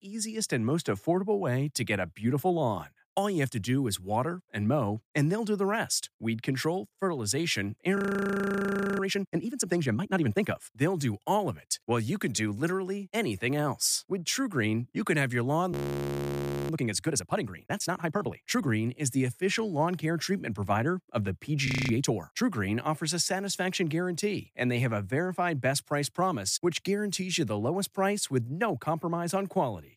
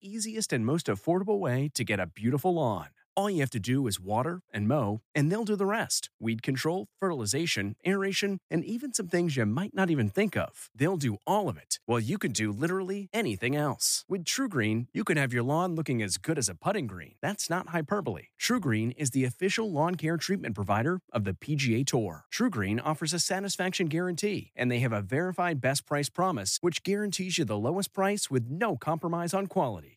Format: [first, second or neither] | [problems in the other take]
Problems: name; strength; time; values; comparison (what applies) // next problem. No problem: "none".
second | audio freezing; at 8 s for 1 s, at 16 s for 1 s and at 22 s